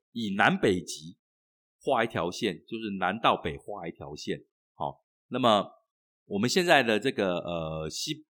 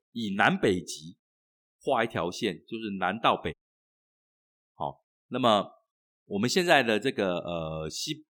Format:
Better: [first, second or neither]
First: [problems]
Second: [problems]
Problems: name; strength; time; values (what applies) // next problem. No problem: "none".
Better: first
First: none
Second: audio cutting out; at 3.5 s for 1 s